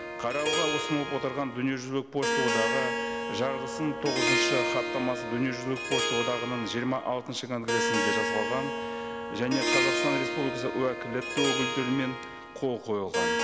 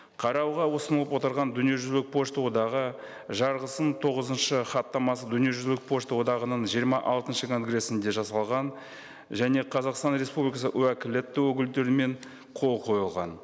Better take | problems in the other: second | background sound (Harp); 1 dB above the speech

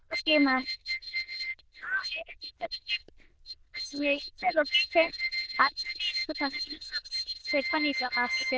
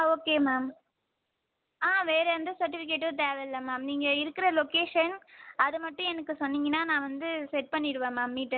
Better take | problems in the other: second | noise reduction (neural diffusion model UNIVERSE++)

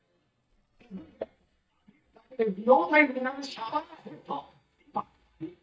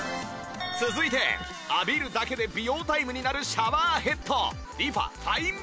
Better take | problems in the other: second | noise reduction (neural mask model DeepFilterNet 3)

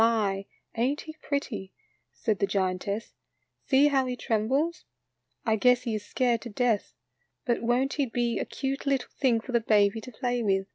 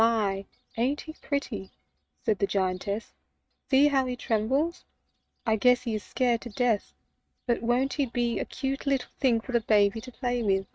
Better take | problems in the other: first | noise reduction (neural mask model RNNoise)

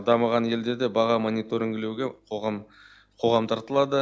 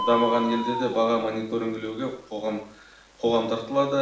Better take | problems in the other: first | background sound (Bird); 9 dB below the speech // room echo; dies away in 0.5 s

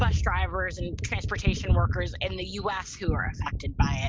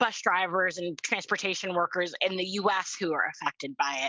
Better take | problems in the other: second | background sound (Gunshot, gunfire); 5 dB above the speech

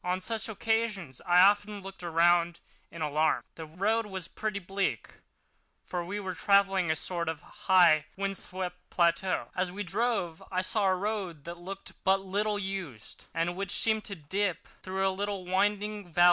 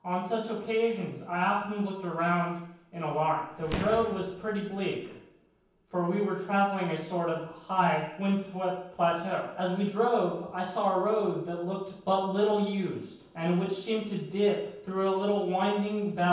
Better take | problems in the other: first | background sound (Fireworks); 11 dB below the speech // room echo; dies away in 0.9 s

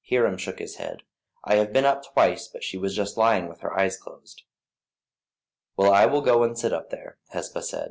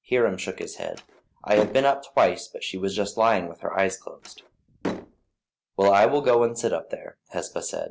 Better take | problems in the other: first | background sound (Slam); 13 dB below the speech

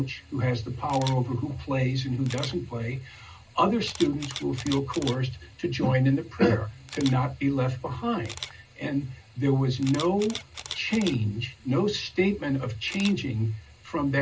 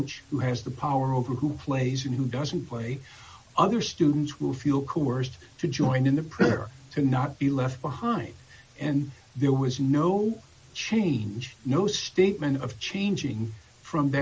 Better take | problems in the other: second | background sound (Camera); 17 dB below the speech // room echo; dies away in 0.2 s

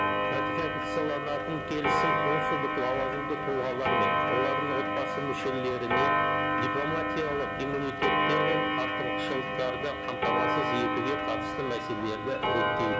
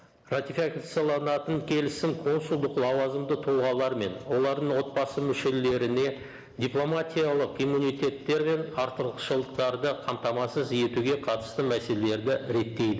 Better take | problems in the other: second | background sound (Clock); 4 dB above the speech

